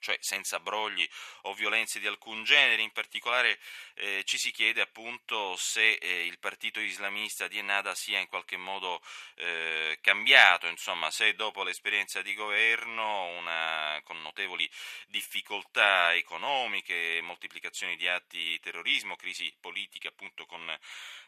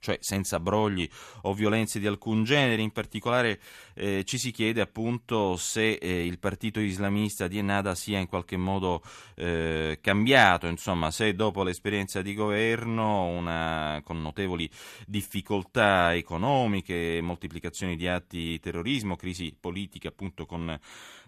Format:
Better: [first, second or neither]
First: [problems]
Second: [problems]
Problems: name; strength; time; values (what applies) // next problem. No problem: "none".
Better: second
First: thin; very; fading below 800 Hz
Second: none